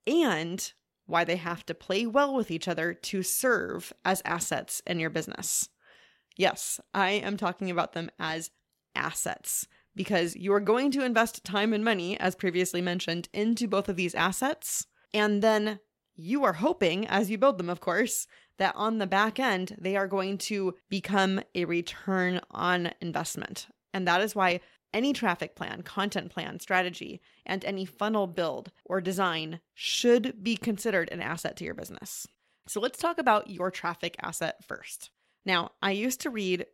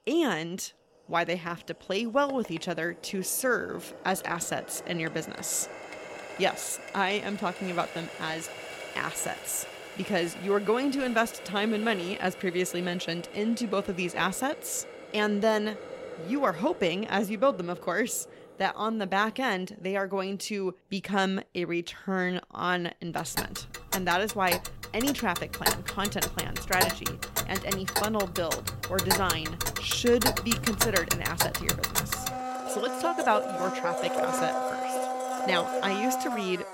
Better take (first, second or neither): first